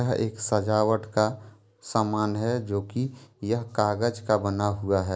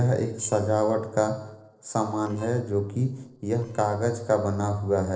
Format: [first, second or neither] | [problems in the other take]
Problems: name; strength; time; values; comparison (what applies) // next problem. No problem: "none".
first | noise reduction (neural separator model SepFormer DNS4)